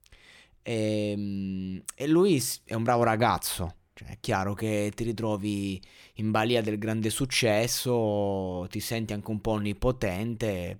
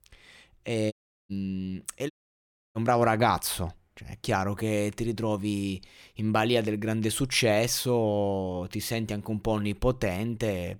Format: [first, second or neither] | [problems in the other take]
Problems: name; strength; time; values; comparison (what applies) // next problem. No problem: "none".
first | audio cutting out; at 1 s and at 2 s for 0.5 s